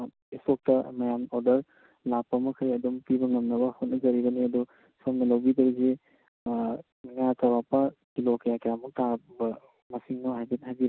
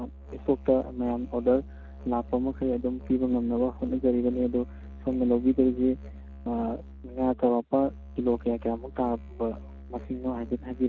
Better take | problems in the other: first | background sound (Musical instrument); 15 dB below the speech

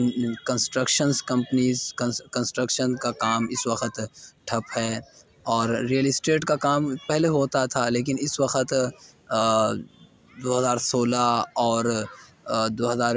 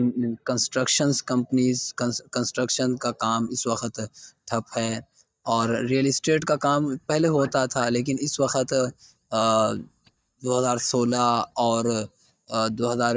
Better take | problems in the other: first | noise reduction (neural mask model DeepFilterNet 3)

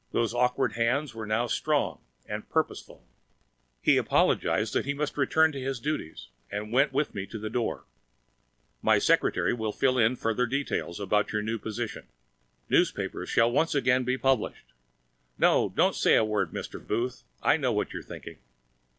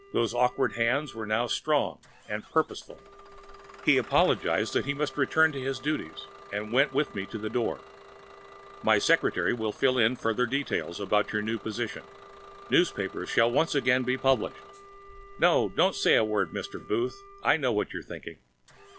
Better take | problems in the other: first | background sound (Wind instrument, woodwind instrument + Engine starting / Bus); 20 dB below the speech

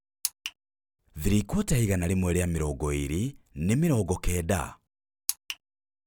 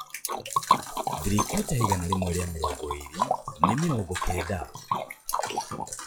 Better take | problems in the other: first | noise reduction (classical method log-MMSE)

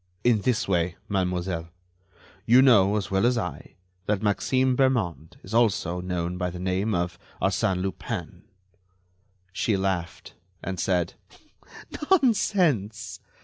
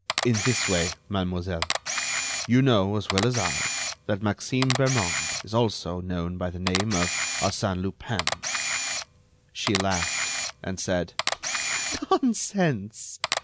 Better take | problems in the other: first | background sound (Camera); 3 dB below the speech

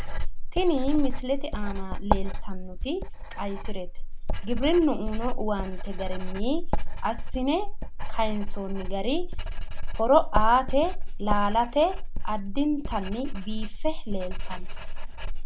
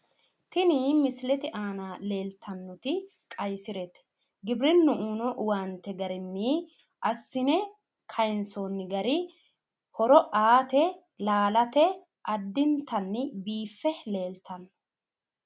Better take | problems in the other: second | background sound (Writing); 3 dB above the speech

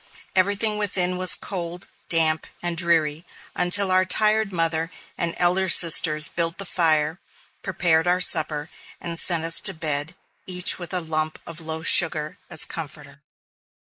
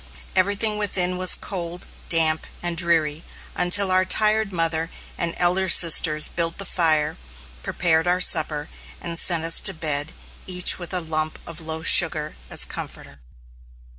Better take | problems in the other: second | noise reduction (neural mask model Resemble Enhance denoiser)

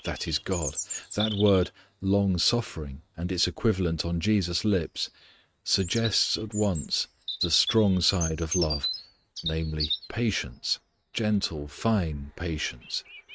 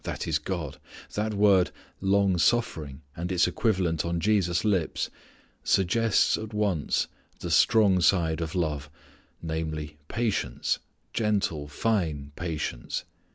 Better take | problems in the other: second | noise reduction (neural mask model RNNoise)

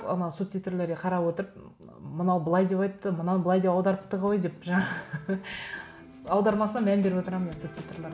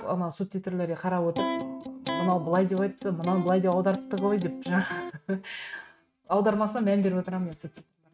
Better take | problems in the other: first | noise reduction (neural mask model RNNoise)

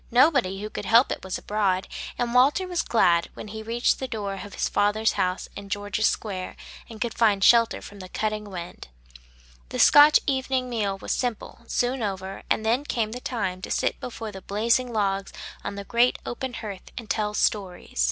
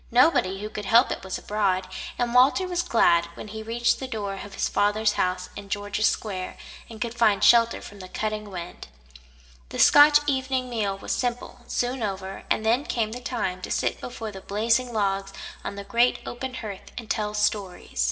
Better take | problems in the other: first | room echo; dies away in 1 s

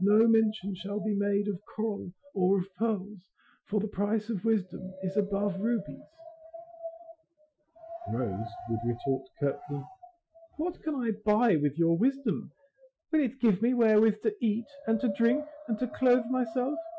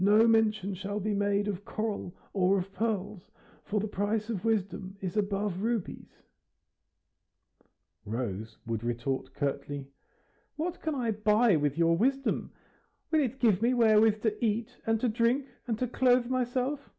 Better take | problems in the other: second | noise reduction (classical method Wiener filter)

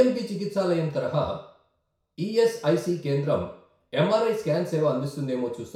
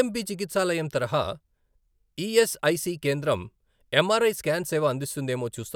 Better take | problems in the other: second | room echo; dies away in 0.6 s

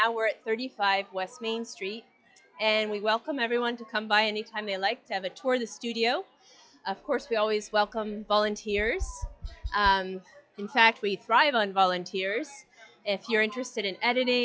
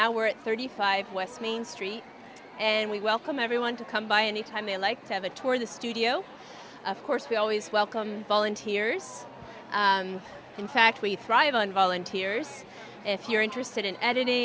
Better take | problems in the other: second | noise reduction (classical method log-MMSE)

